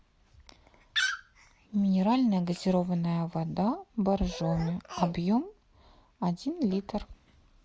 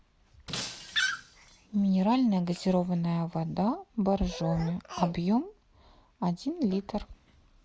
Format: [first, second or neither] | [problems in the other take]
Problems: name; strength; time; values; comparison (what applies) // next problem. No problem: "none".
first | background sound (Shatter); 14 dB below the speech